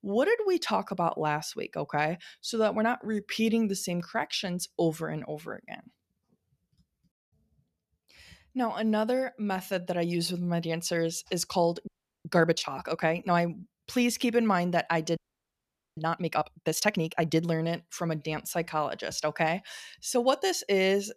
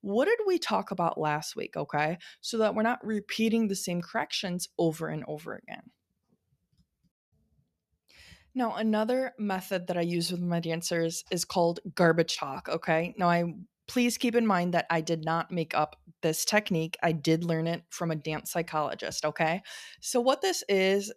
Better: second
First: audio freezing; at 12 s and at 15 s for 1 s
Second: none

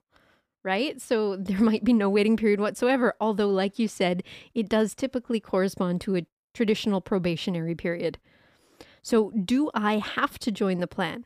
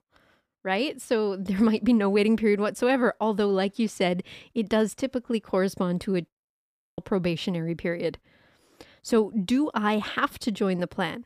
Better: first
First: none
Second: audio freezing; at 6.5 s

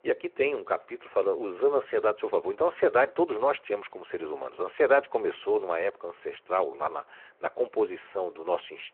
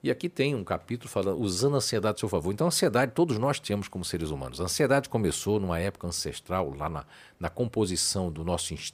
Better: second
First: phone-call audio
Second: none

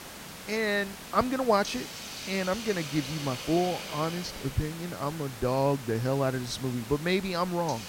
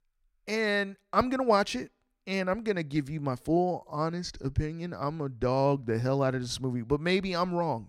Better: second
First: hiss; loud; throughout; 10 dB below the speech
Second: none

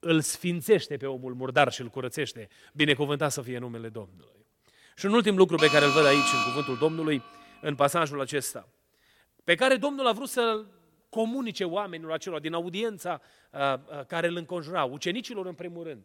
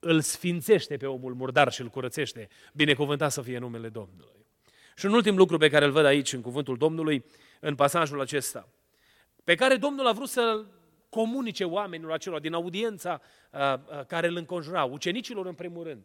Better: second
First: alarm; loud; from 5.5 to 7 s; peak 4 dB above the speech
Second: none

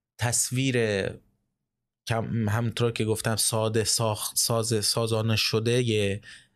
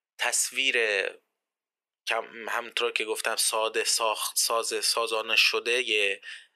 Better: first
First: none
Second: thin; very; fading below 400 Hz

